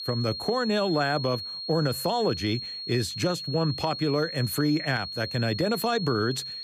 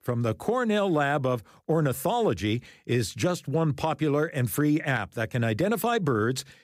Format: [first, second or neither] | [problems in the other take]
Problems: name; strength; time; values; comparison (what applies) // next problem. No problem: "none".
second | high-pitched whine; loud; throughout; 4.5 kHz, 6 dB below the speech